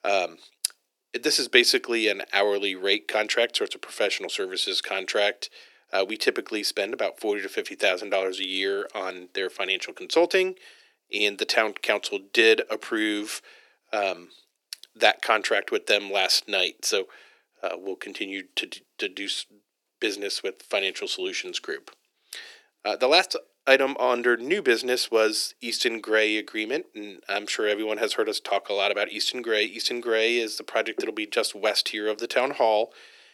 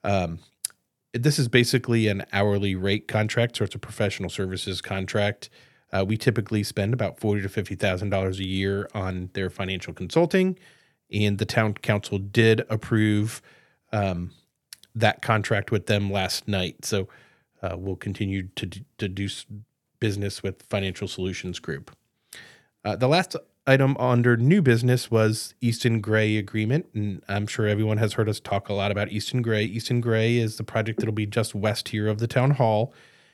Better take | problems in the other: second | thin; very; fading below 350 Hz

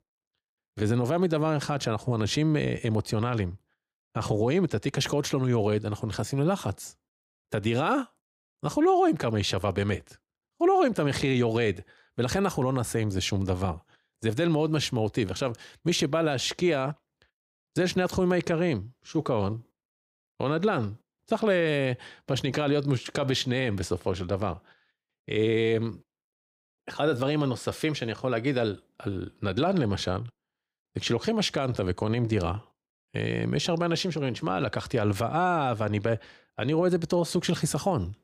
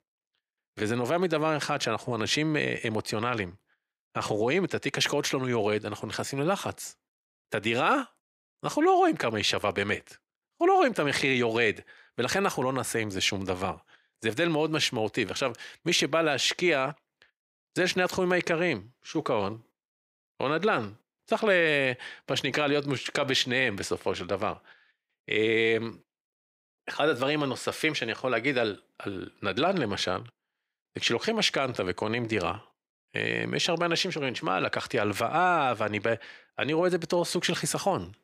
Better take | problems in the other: first | thin; very slightly; fading below 750 Hz

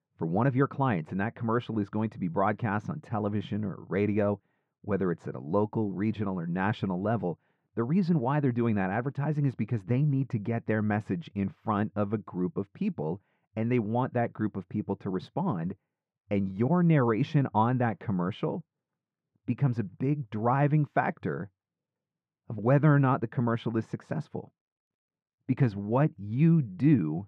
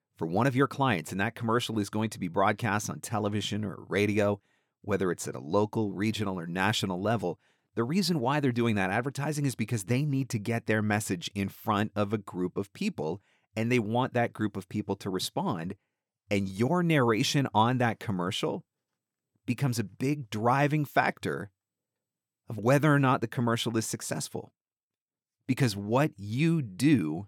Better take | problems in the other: second | muffled; very; fading above 1.5 kHz

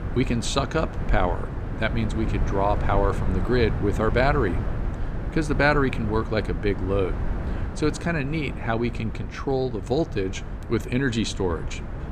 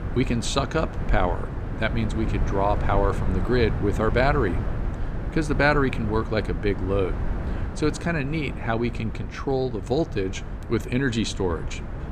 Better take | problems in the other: neither | wind noise on the microphone; occasional gusts; 10 dB below the speech; the same in both

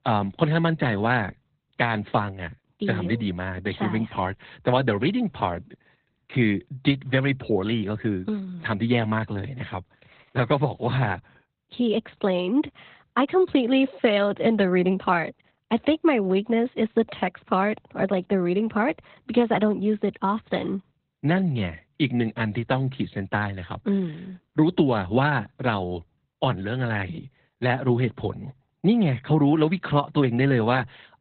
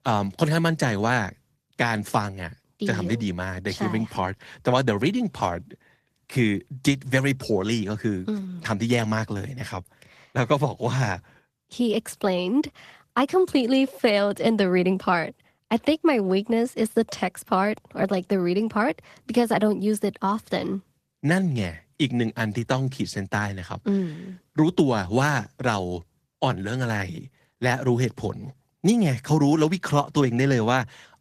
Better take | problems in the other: second | garbled, watery; badly; nothing above 4 kHz; slightly in the second

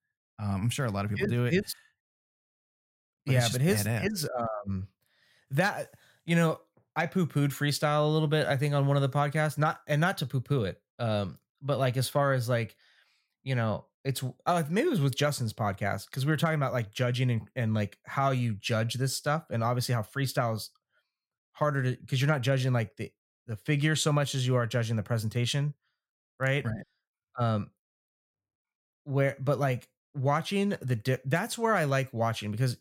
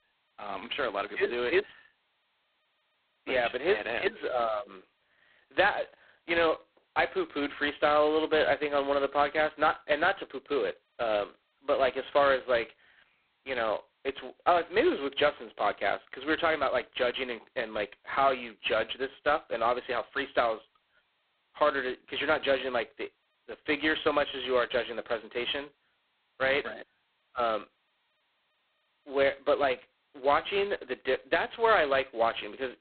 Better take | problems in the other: first | phone-call audio; poor line; nothing above 4 kHz

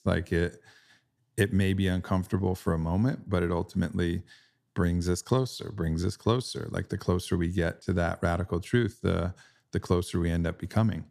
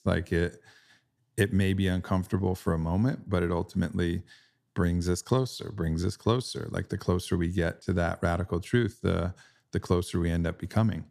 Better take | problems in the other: neither | none

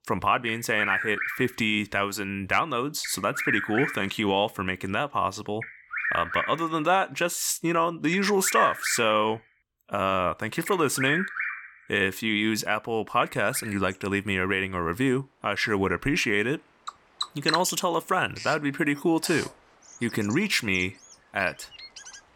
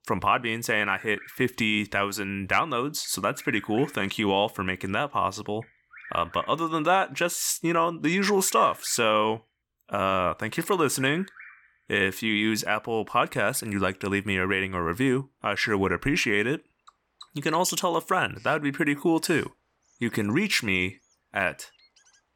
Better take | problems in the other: second | animal sounds; loud; throughout; 6 dB below the speech; faint in the second

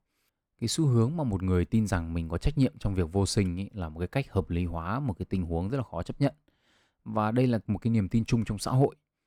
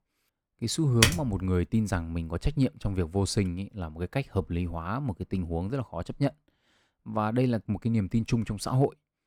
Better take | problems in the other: first | keyboard typing; loud; at 1 s; peak 5 dB above the speech

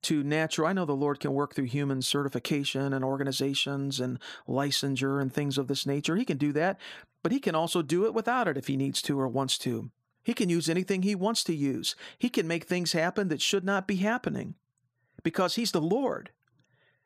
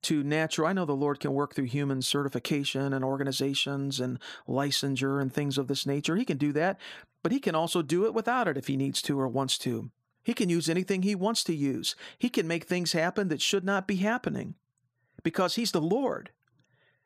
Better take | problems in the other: neither | none

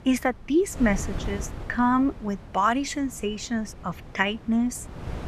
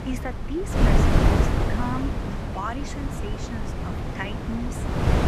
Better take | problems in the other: first | wind noise on the microphone; heavy; 4 dB above the speech; occasional gusts in the first

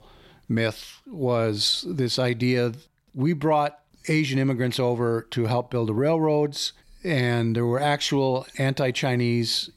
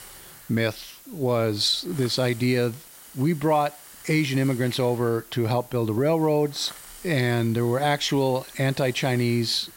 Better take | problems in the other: first | hiss; noticeable; throughout; 20 dB below the speech

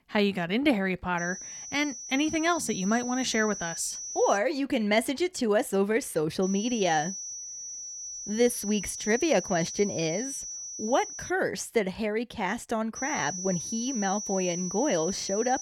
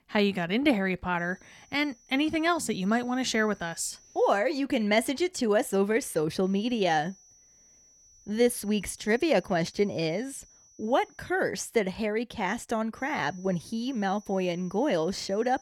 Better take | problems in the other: second | high-pitched whine; loud; from 1 to 4.5 s, from 6.5 to 11 s and from 13 s on; 6 kHz, 7 dB below the speech; faint in the second

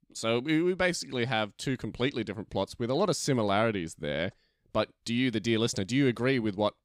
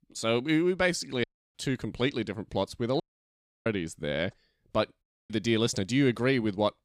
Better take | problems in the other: first | audio cutting out; at 1 s, at 3 s for 0.5 s and at 5 s

